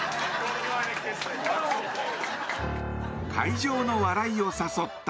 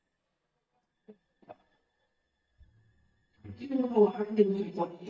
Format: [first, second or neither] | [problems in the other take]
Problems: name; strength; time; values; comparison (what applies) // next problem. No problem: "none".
first | noise reduction (neural mask model DeepFilterNet 3)